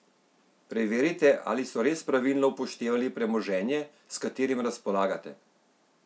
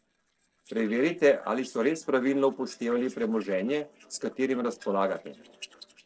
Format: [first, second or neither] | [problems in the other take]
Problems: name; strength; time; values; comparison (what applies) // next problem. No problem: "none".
first | noise reduction (neural separator model SepFormer DNS4)